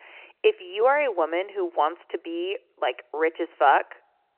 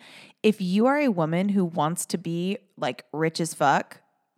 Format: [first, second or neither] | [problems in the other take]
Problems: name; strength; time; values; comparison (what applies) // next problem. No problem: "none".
second | phone-call audio; nothing above 2.5 kHz